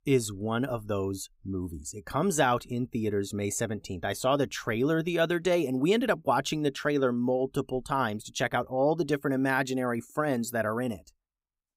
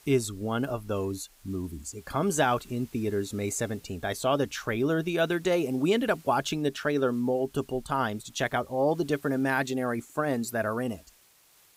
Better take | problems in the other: first | hiss; faint; throughout; 25 dB below the speech

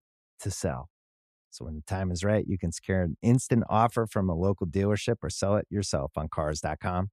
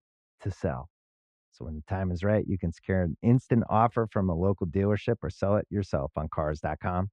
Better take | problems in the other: first | muffled; very; fading above 2.5 kHz

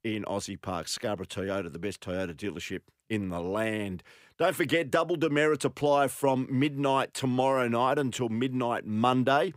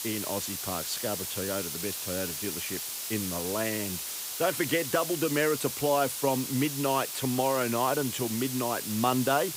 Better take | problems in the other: first | hiss; loud; throughout; 3 dB below the speech

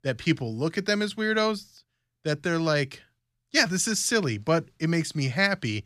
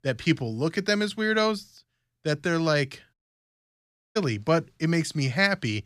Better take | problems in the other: first | audio cutting out; at 3 s for 1 s

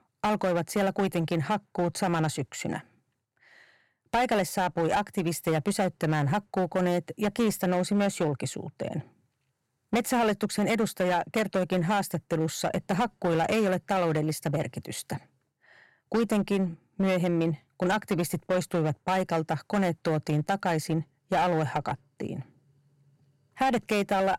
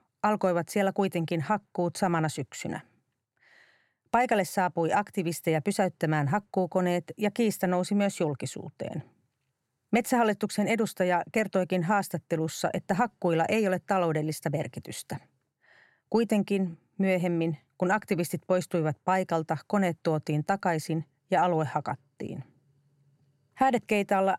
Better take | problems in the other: second | distortion; slight; 12% of the sound clipped

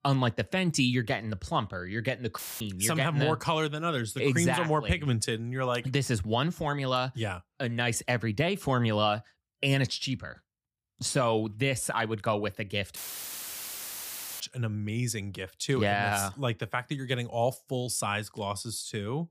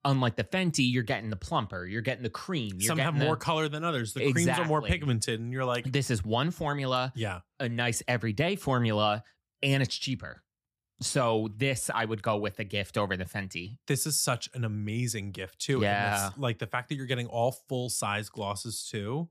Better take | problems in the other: second | audio cutting out; filled with static; at 2.5 s and at 13 s for 1.5 s

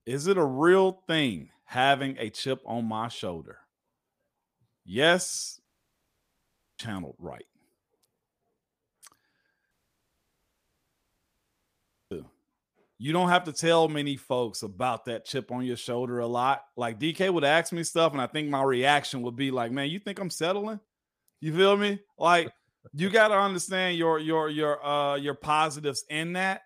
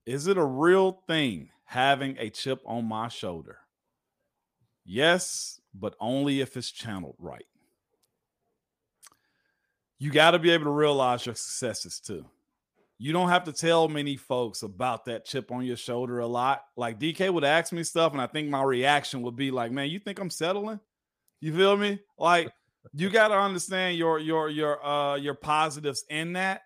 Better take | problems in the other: second | audio cutting out; at 5.5 s for 1 s and at 9.5 s for 2.5 s

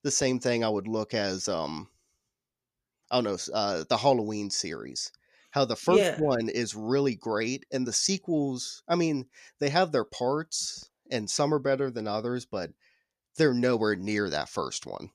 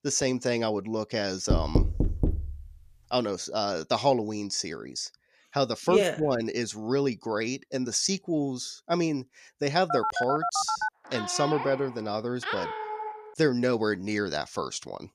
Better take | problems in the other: first | door banging; loud; from 1.5 to 2.5 s; peak 3 dB above the speech // phone ringing; noticeable; from 10 to 13 s; peak level with the speech

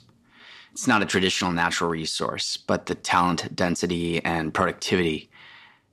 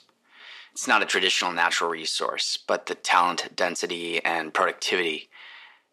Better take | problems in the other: first | thin; somewhat; fading below 500 Hz

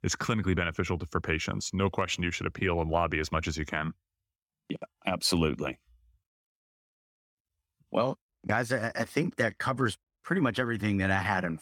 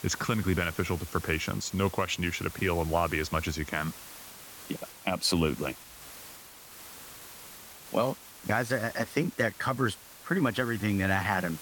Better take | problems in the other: first | hiss; noticeable; throughout; 15 dB below the speech

